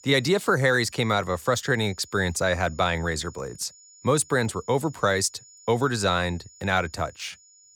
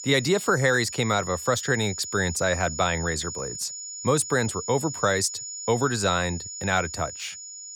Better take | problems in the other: first | high-pitched whine; loud; throughout; 7 kHz, 8 dB below the speech; faint in the first

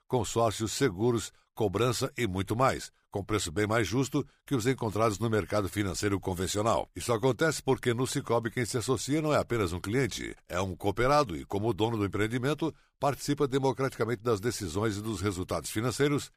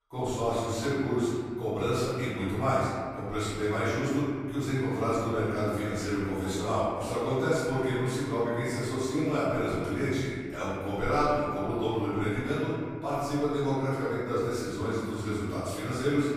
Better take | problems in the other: first | room echo; strong; dies away in 1.9 s // off-mic speech; far

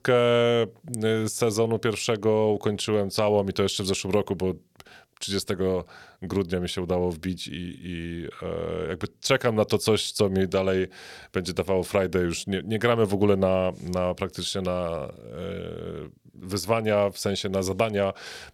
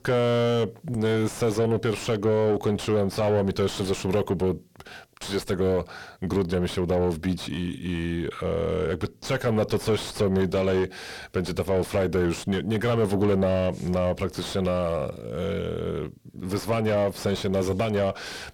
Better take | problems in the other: first | distortion; heavy; 7 dB below the speech

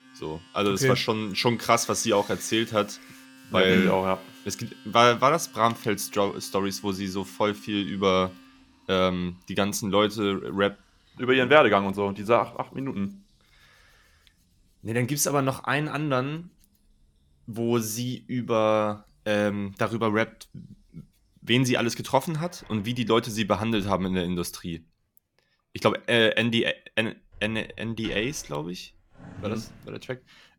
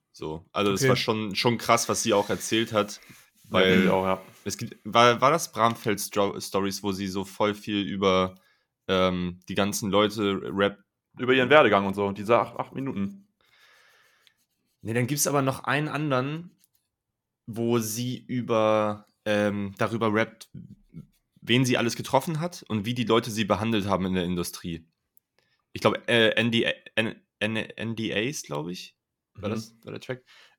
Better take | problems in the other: second | household noises; faint; throughout; 25 dB below the speech

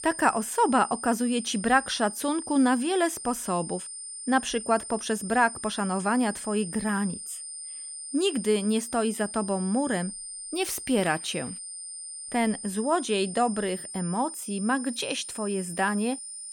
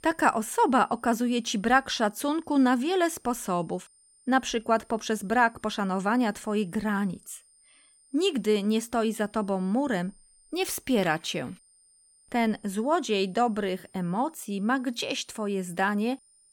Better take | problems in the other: second | high-pitched whine; loud; throughout; 9 kHz, 9 dB below the speech; faint in the second

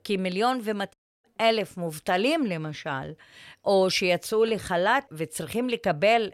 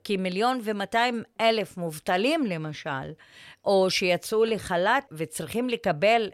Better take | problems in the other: second | audio cutting out; at 1 s

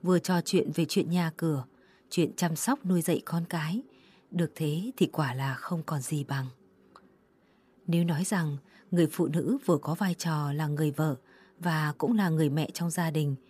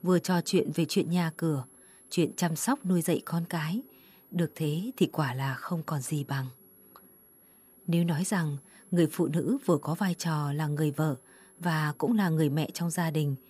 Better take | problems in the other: first | high-pitched whine; faint; throughout; 11 kHz, 25 dB below the speech

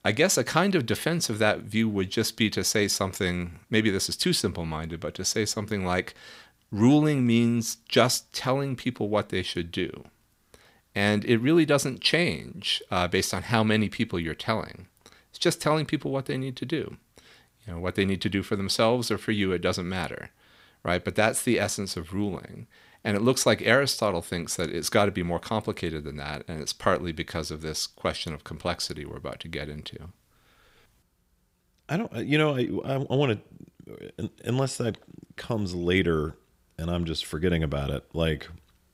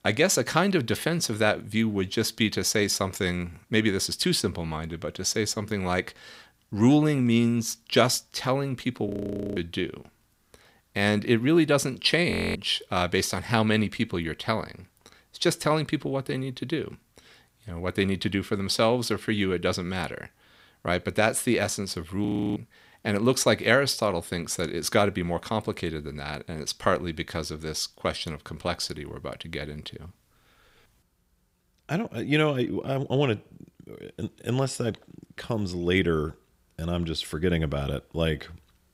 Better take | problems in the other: first | audio freezing; at 9 s, at 12 s and at 22 s

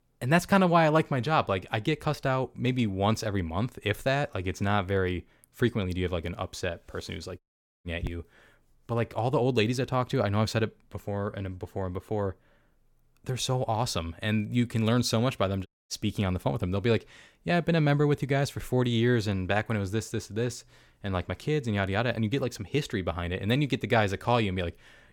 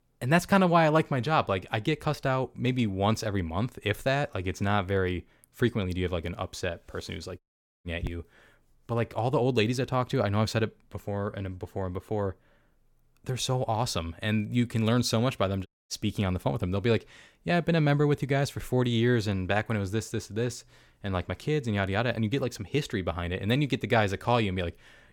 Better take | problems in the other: neither | audio cutting out; at 7.5 s and at 16 s; the same in both

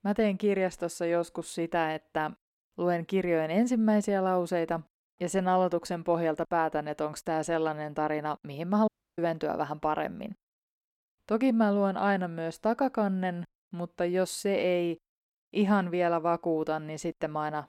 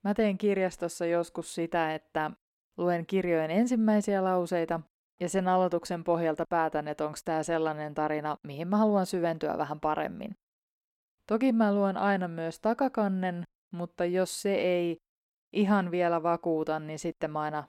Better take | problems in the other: second | audio cutting out; at 9 s

